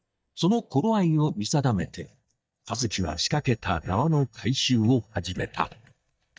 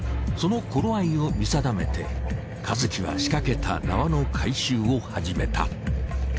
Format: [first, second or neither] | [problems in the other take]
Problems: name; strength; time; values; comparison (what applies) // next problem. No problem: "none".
second | noise reduction (neural mask model DeepFilterNet 3)